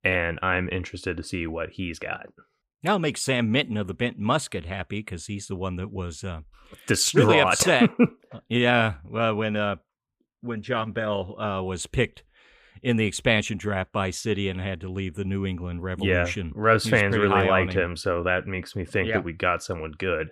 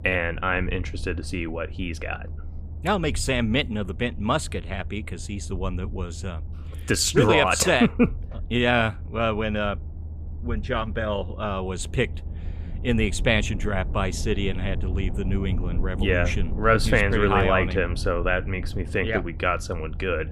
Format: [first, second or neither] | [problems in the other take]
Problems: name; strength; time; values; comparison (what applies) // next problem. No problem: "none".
first | low rumble; faint; throughout; 20 dB below the speech